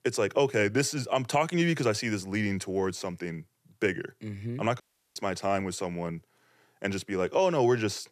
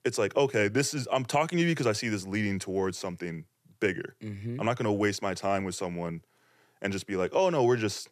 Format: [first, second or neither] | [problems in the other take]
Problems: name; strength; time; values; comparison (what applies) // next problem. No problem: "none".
second | audio cutting out; at 5 s